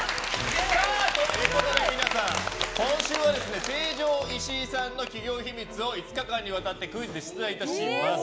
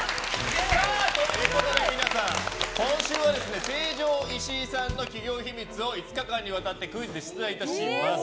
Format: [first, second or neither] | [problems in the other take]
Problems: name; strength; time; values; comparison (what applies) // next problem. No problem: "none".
first | background sound (Bass drum); 17 dB below the speech